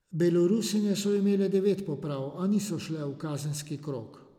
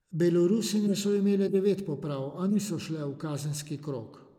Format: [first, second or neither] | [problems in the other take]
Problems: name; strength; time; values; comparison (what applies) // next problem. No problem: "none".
first | noise reduction (neural mask model Resemble Enhance denoiser)